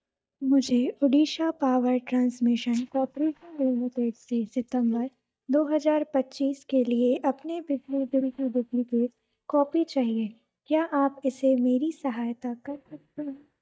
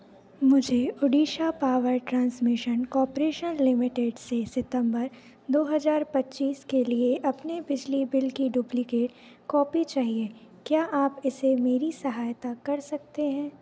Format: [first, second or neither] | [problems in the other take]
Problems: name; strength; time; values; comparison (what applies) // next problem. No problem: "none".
second | noise reduction (neural mask model DeepFilterNet 3)